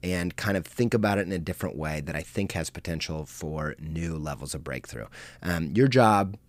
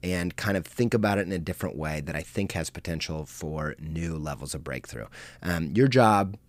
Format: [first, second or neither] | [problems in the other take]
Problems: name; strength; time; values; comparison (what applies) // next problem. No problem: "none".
neither | none